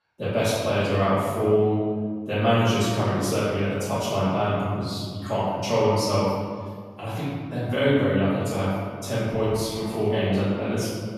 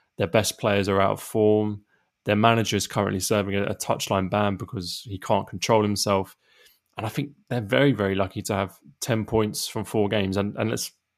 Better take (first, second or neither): second